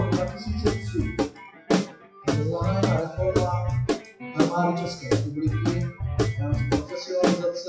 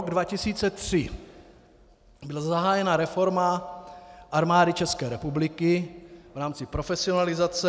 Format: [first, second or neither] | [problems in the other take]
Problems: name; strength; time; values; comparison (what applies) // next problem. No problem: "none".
second | noise reduction (classical method WPE with log-MMSE)